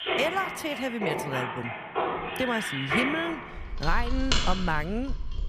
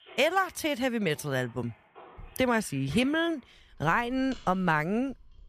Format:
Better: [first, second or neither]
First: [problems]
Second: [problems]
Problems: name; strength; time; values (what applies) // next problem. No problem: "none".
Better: second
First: machinery noise; loud; throughout; as loud as the speech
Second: machinery noise; faint; throughout; 25 dB below the speech